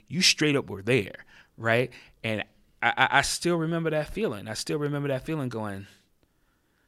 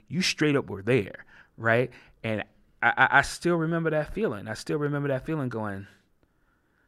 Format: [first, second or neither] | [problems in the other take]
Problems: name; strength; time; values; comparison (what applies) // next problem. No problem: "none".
first | muffled; slightly; fading above 2 kHz